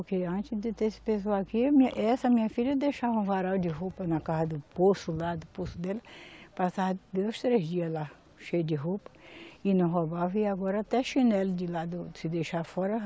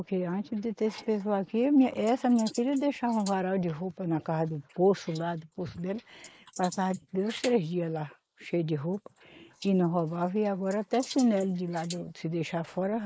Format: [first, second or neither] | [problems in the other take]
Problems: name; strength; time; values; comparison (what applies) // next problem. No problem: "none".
first | noise reduction (neural mask model Resemble Enhance denoiser)